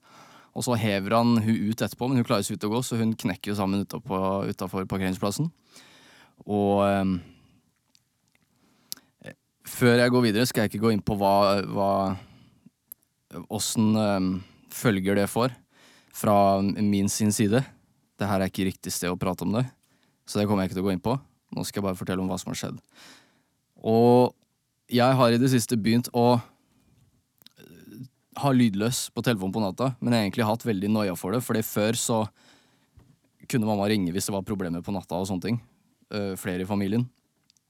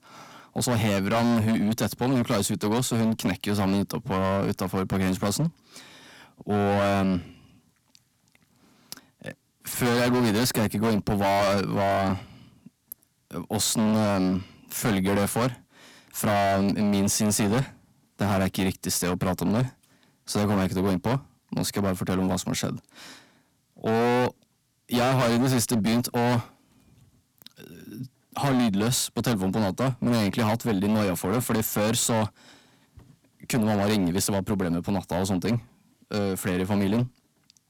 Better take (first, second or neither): first